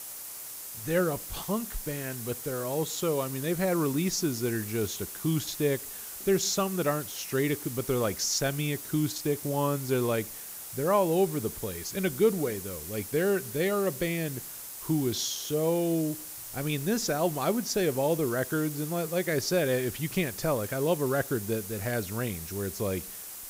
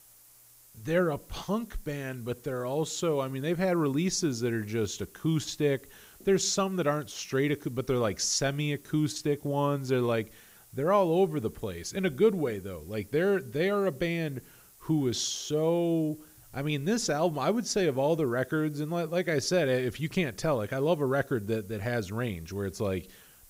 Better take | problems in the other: second | hiss; loud; throughout; 8 dB below the speech; faint in the second

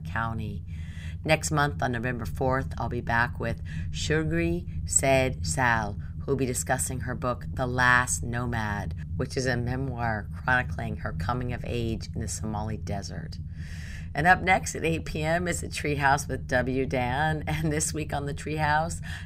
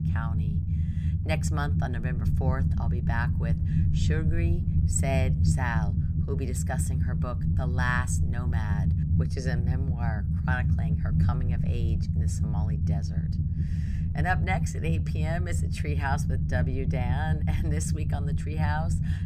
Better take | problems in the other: first | low rumble; loud; throughout; 5 dB below the speech; faint in the first

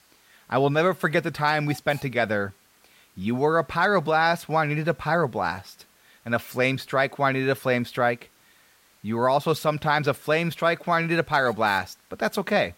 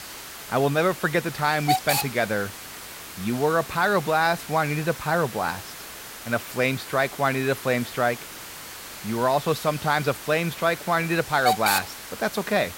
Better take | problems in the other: first | hiss; loud; throughout; 8 dB below the speech; faint in the first

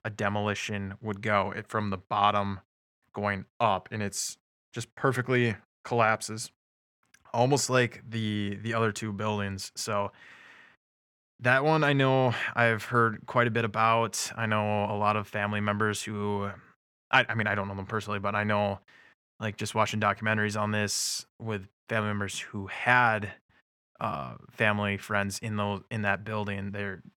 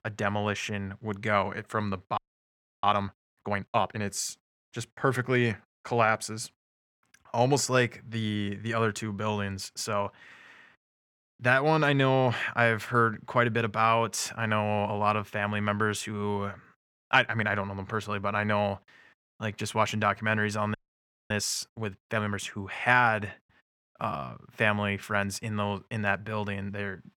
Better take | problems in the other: first | audio freezing; at 2 s for 0.5 s and at 21 s for 0.5 s

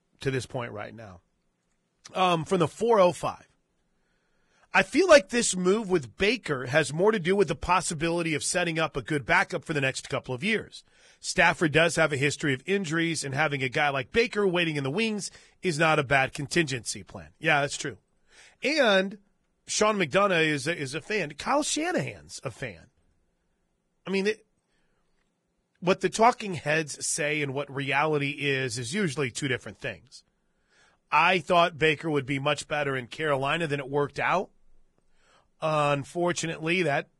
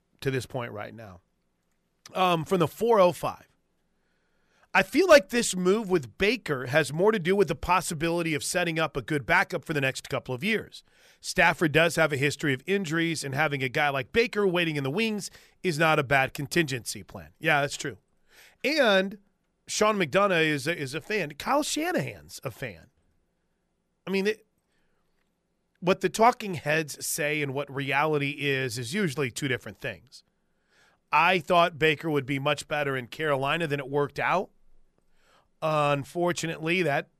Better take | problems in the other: second | garbled, watery; badly; nothing above 10 kHz

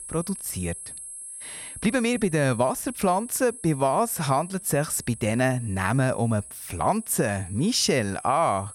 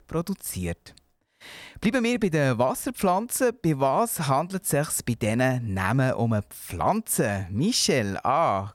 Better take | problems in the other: second | high-pitched whine; noticeable; throughout; 10.5 kHz, 15 dB below the speech

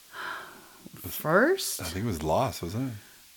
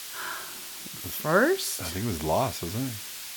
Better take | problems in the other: first | hiss; loud; throughout; 8 dB below the speech; faint in the first

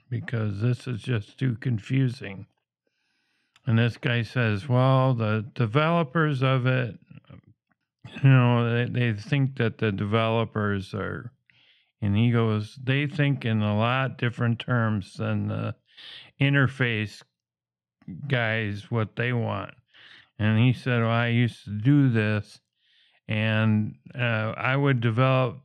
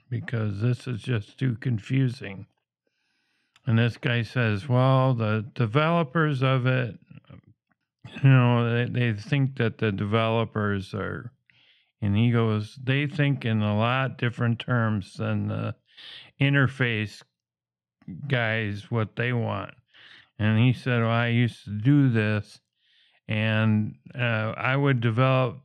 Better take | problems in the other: neither | muffled; very slightly; fading above 3 kHz; the same in both

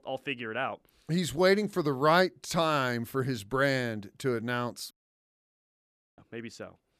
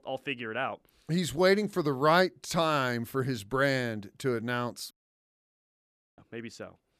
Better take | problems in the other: neither | audio cutting out; at 5 s for 1.5 s; the same in both

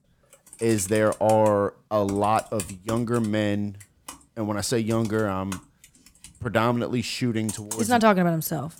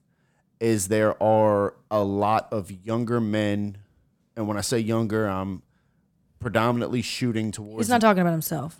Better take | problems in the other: second | keyboard typing; noticeable; from 0.5 s on; peak 9 dB below the speech

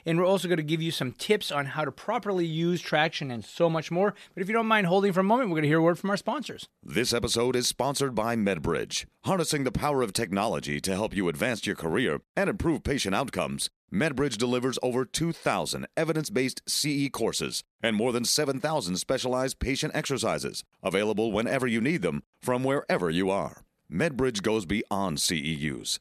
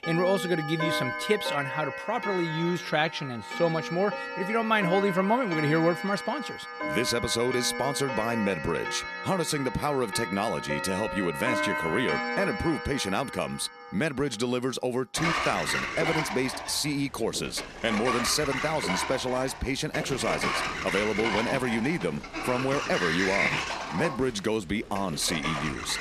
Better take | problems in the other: first | household noises; loud; throughout; 3 dB below the speech

